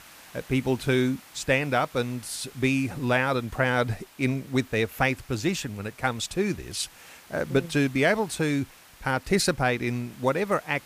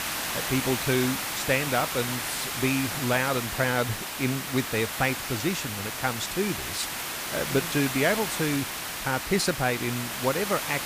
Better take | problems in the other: first | hiss; loud; throughout; 2 dB below the speech; faint in the first

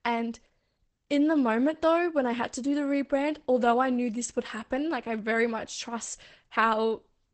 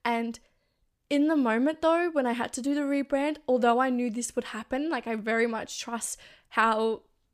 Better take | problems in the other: second | garbled, watery; badly; nothing above 8 kHz

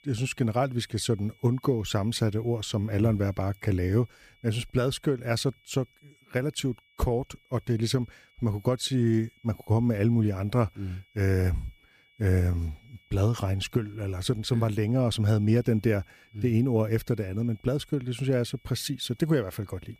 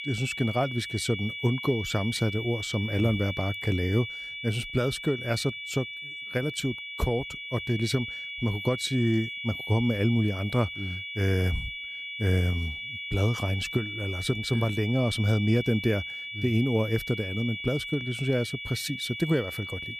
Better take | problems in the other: first | high-pitched whine; loud; throughout; 2.5 kHz, 6 dB below the speech; faint in the first

